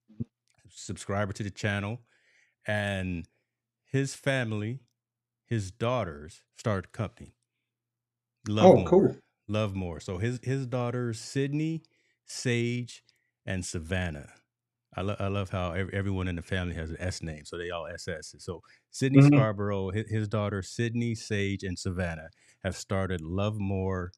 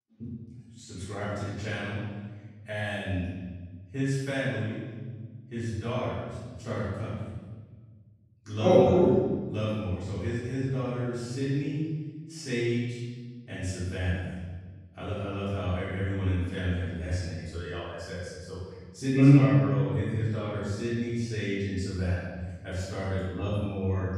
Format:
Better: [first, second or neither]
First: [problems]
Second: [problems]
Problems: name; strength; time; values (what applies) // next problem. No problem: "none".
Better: first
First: none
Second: off-mic speech; far // room echo; strong; dies away in 1.5 s